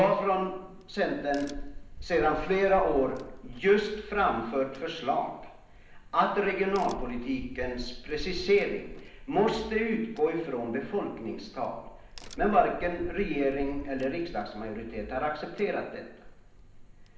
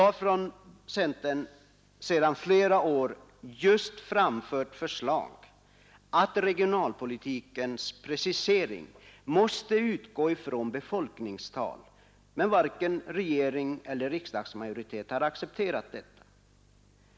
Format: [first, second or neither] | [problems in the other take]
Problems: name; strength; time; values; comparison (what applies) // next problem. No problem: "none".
second | background sound (Crack); 13 dB below the speech // room echo; dies away in 0.8 s